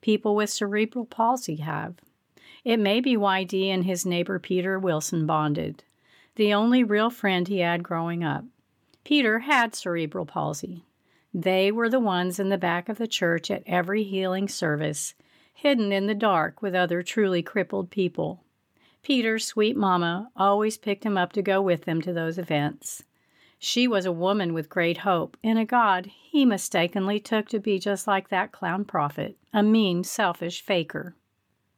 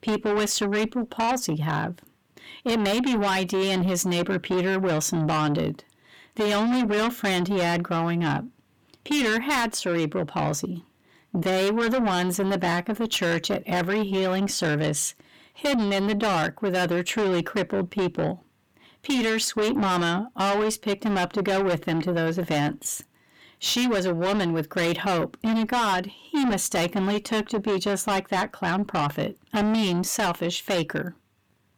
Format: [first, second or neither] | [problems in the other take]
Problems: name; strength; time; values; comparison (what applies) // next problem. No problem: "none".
first | distortion; heavy; 6 dB below the speech